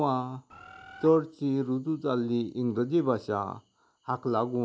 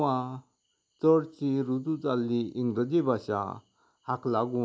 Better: second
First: background sound (Bird); 16 dB below the speech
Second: none

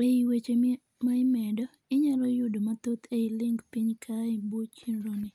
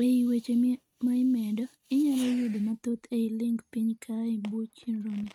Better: first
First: none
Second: noise reduction (neural mask model RNNoise)

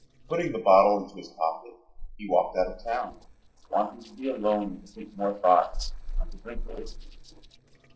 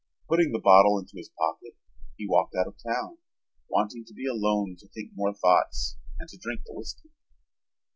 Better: second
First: noise reduction (neural separator model SepFormer DNS4)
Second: none

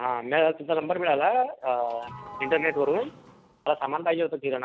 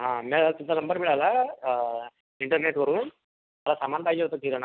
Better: second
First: background sound (Sliding door / Doorbell); 15 dB below the speech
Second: none

